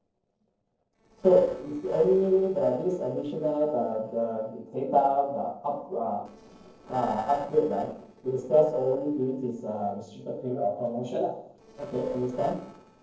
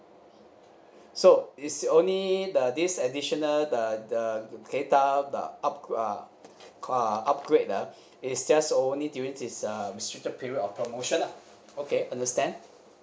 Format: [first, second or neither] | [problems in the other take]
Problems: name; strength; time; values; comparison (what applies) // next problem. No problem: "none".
second | noise reduction (neural separator model SepFormer DNS4)